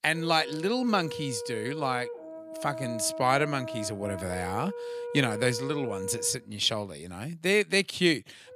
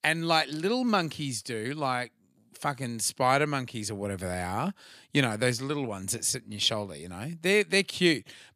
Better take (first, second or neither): second